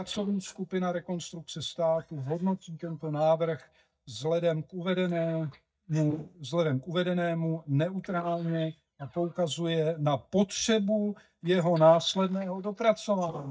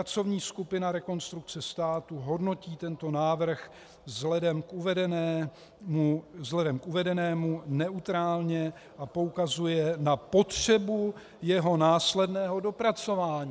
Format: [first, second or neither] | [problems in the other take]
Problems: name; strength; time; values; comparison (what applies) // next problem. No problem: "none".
second | noise reduction (neural mask model DeepFilterNet 3)